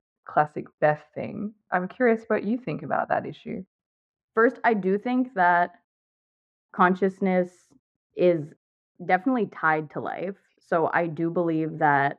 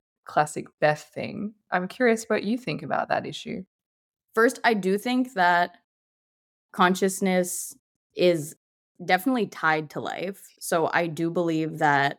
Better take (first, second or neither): second